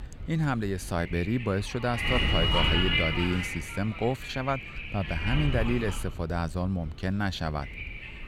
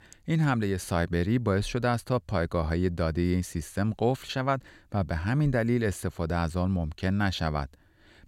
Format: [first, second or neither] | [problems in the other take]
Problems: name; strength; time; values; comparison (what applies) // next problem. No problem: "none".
second | wind noise on the microphone; heavy; 3 dB above the speech